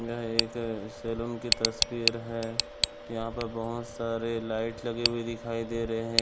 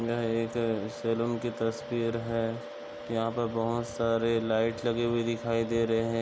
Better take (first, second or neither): second